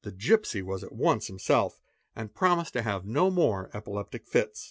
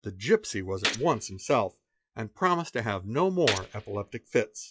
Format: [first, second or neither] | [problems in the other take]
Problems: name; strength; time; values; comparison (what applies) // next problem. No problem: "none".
first | noise reduction (classical method log-MMSE)